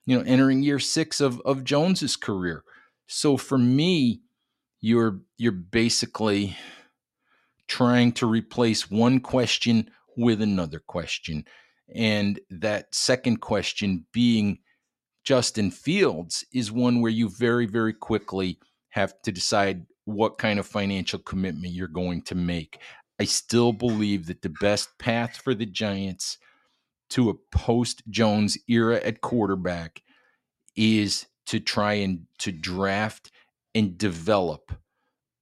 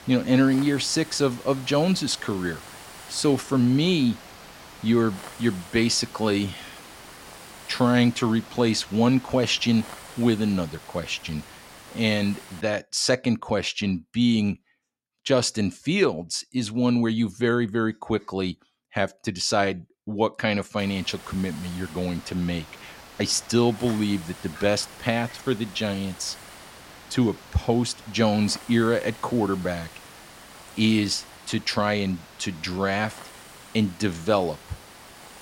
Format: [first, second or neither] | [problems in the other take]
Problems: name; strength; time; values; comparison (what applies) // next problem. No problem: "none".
first | hiss; noticeable; until 13 s and from 21 s on; 20 dB below the speech